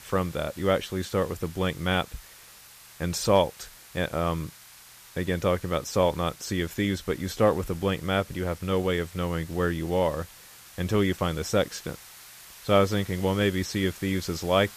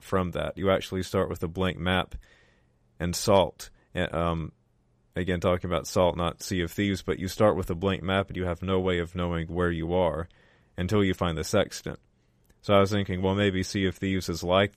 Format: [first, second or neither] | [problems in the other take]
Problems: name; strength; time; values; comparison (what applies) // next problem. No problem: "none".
second | hiss; noticeable; throughout; 20 dB below the speech